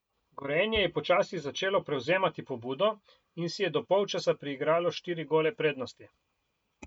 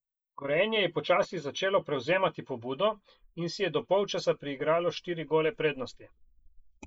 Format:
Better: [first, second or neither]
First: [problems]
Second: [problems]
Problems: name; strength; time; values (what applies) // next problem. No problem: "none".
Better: first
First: none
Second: noise reduction (neural mask model Resemble Enhance denoiser)